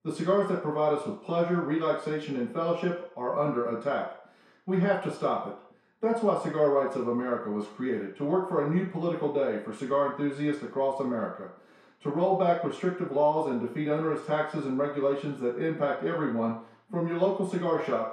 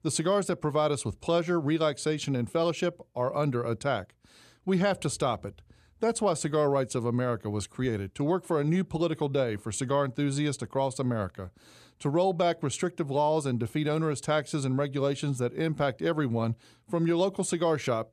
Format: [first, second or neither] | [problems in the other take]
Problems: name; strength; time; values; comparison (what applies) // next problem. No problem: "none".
second | room echo; noticeable; dies away in 0.6 s // off-mic speech; far